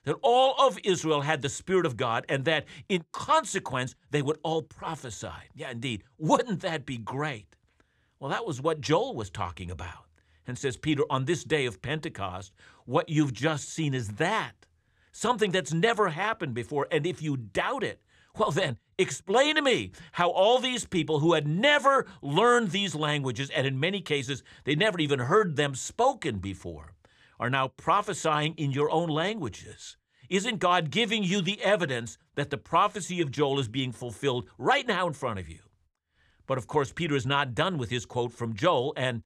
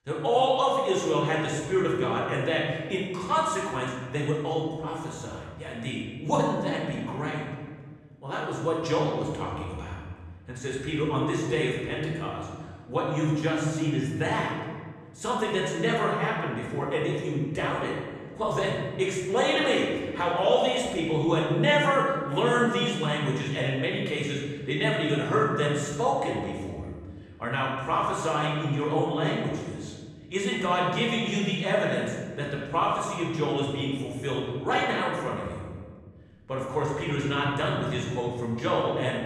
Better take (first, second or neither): first